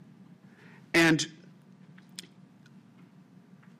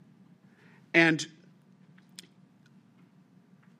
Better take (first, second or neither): second